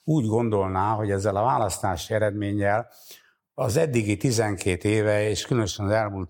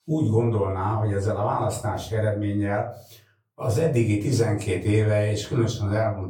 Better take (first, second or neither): first